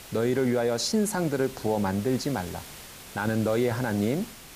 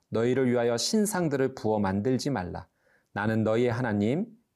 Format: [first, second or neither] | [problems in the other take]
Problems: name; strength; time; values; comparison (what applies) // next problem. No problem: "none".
second | hiss; noticeable; throughout; 15 dB below the speech